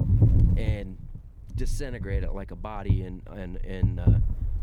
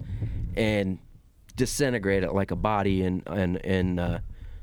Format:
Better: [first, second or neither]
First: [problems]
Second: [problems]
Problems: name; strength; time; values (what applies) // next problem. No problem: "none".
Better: second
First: wind noise on the microphone; heavy; 1 dB above the speech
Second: wind noise on the microphone; occasional gusts; 25 dB below the speech